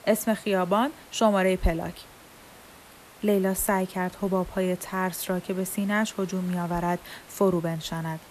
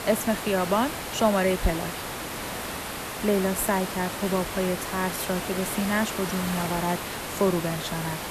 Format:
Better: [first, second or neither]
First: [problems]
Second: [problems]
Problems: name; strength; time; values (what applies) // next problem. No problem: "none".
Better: first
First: hiss; faint; throughout; 20 dB below the speech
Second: hiss; loud; throughout; 5 dB below the speech